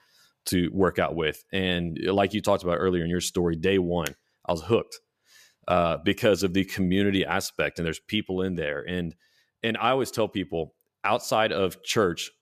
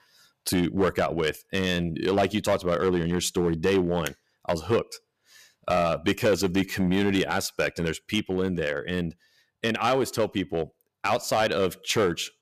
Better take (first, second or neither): first